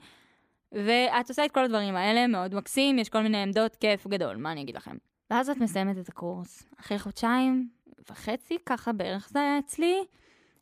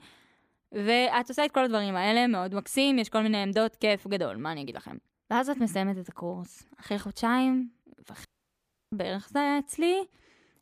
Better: first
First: none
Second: audio cutting out; at 8.5 s for 0.5 s

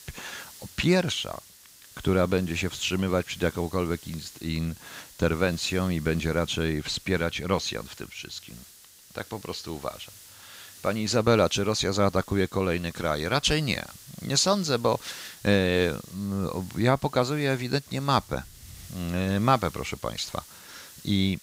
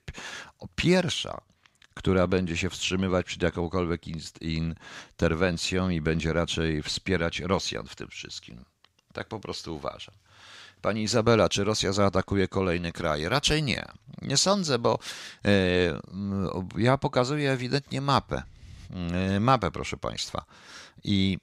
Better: second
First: hiss; noticeable; throughout; 20 dB below the speech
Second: none

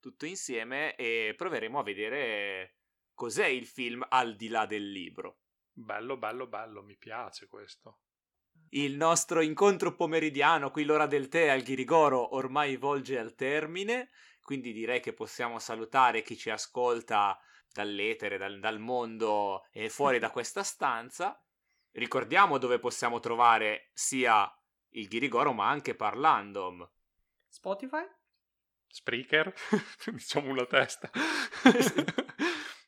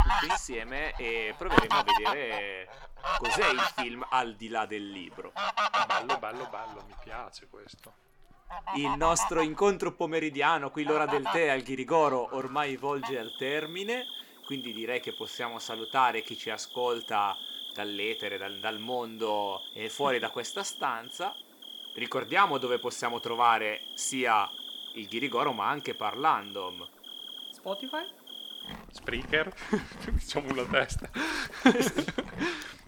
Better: first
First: none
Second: animal sounds; loud; throughout; 4 dB below the speech

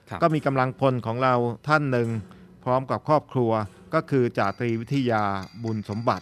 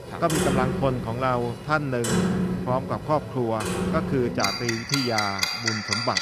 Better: first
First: household noises; faint; throughout; 25 dB below the speech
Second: household noises; loud; throughout; as loud as the speech

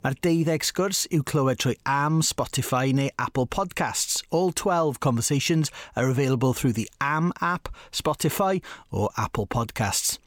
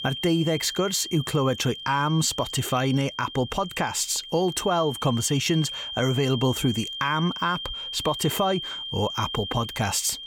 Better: first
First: none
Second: high-pitched whine; loud; throughout; 3 kHz, 8 dB below the speech

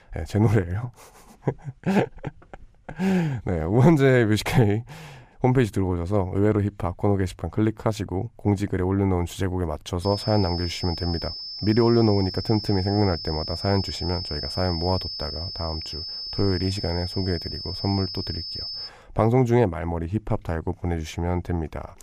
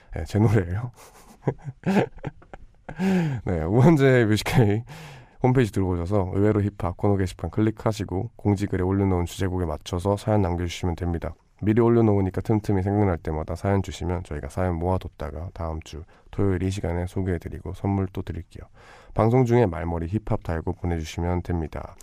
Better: second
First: high-pitched whine; loud; from 10 to 19 s; 5 kHz, 7 dB below the speech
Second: none

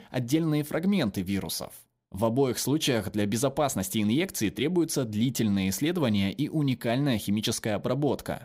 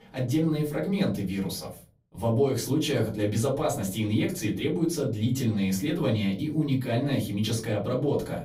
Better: first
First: none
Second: off-mic speech; far // room echo; very slight; dies away in 0.4 s

